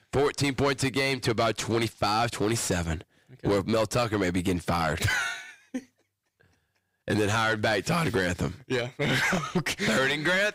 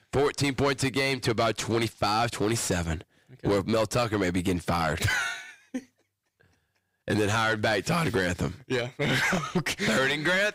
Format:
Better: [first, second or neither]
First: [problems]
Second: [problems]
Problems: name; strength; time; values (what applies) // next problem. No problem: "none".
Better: neither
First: distortion; heavy; 7 dB below the speech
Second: distortion; heavy; 7 dB below the speech